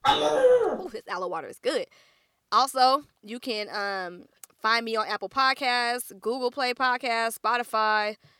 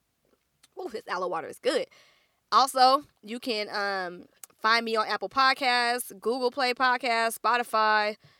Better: second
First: dog barking; loud; at the start; peak 6 dB above the speech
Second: none

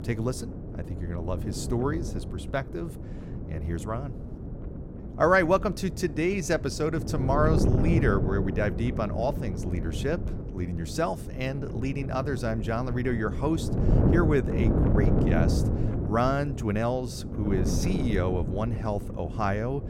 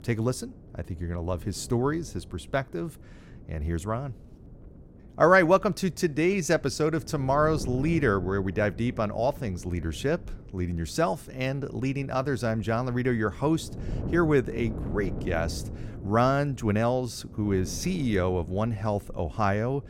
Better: second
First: wind noise on the microphone; heavy; 8 dB below the speech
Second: wind noise on the microphone; occasional gusts; 20 dB below the speech

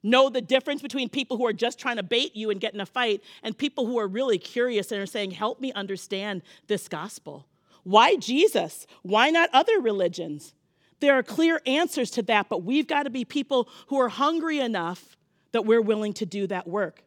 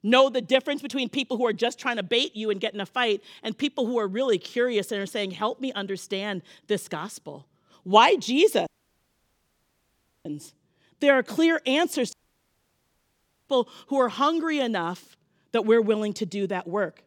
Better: first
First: none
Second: audio cutting out; at 8.5 s for 1.5 s and at 12 s for 1.5 s

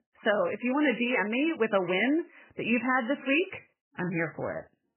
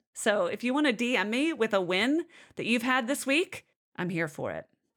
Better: second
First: garbled, watery; badly; nothing above 3 kHz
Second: none

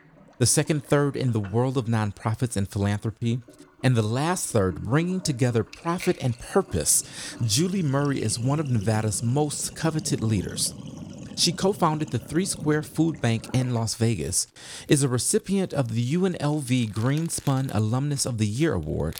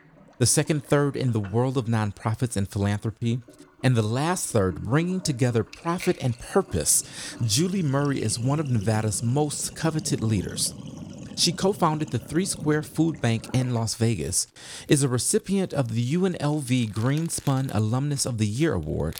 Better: neither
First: household noises; noticeable; throughout; 20 dB below the speech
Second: household noises; noticeable; throughout; 20 dB below the speech

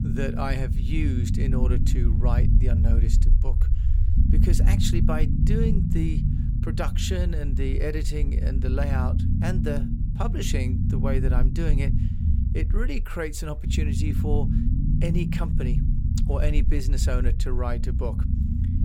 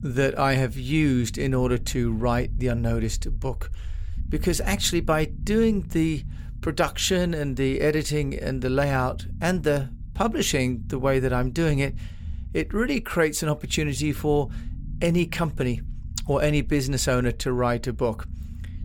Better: second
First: low rumble; loud; throughout; 4 dB below the speech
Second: low rumble; faint; throughout; 25 dB below the speech

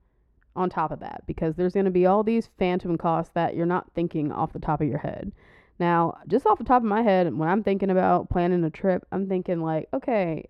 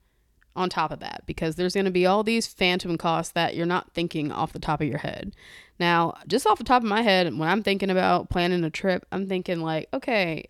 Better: second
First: muffled; very; fading above 2.5 kHz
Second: none

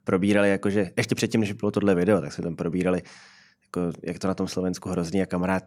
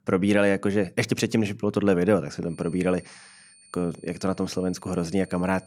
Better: first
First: none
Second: high-pitched whine; faint; from 2.5 s on; 9 kHz, 25 dB below the speech

